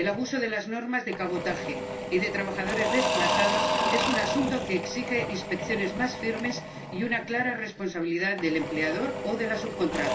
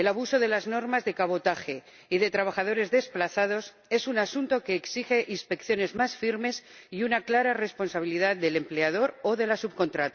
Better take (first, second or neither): second